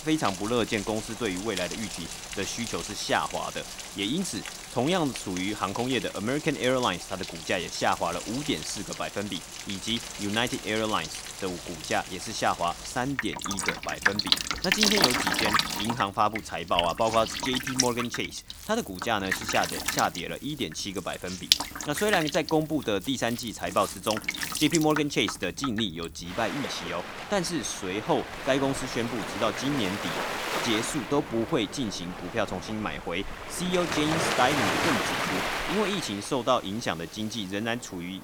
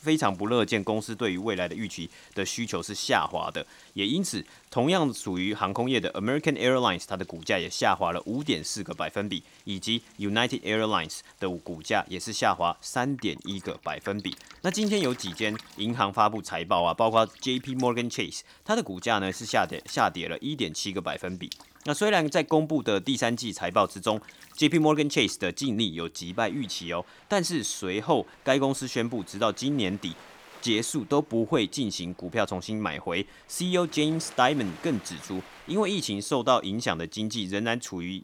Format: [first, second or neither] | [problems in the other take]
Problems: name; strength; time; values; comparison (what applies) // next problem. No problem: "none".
second | rain or running water; loud; throughout; 2 dB below the speech; faint in the second